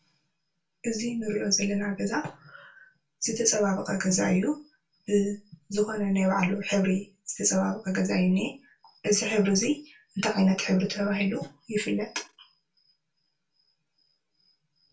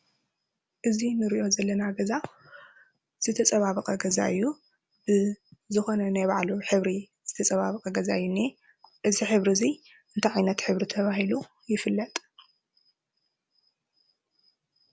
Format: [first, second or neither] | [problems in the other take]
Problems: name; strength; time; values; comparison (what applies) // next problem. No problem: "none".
second | room echo; dies away in 0.2 s